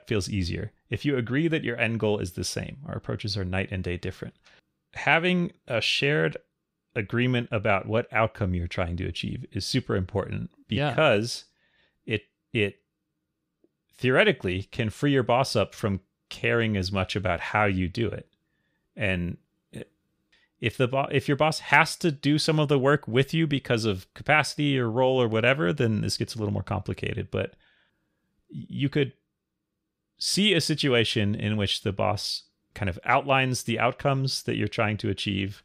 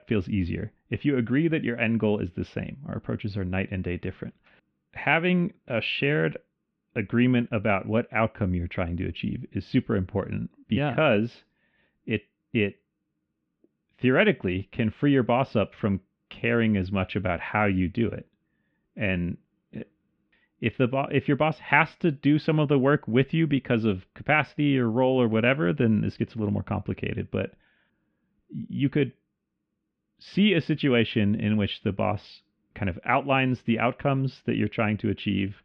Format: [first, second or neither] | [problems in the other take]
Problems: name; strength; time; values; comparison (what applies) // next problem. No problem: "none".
first | muffled; very; fading above 2.5 kHz